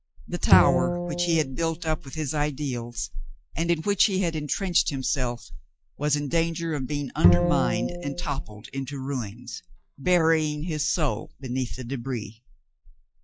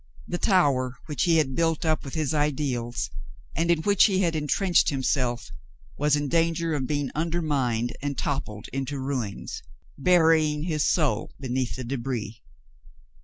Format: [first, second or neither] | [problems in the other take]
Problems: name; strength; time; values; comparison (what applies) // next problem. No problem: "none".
second | noise reduction (classical method log-MMSE)